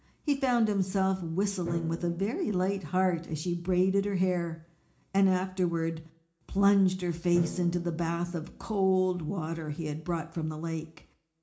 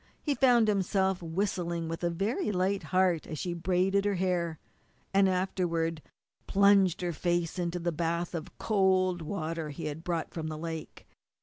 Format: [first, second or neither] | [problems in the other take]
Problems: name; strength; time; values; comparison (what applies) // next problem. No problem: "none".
second | background sound (Drum); 17 dB below the speech // room echo; dies away in 0.4 s